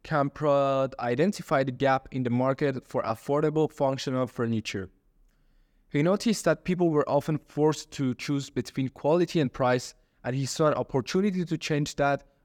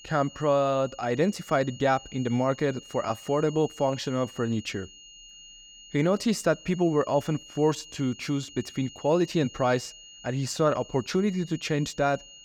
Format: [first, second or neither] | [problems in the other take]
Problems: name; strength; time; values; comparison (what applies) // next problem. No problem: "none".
first | high-pitched whine; noticeable; throughout; 3 kHz, 20 dB below the speech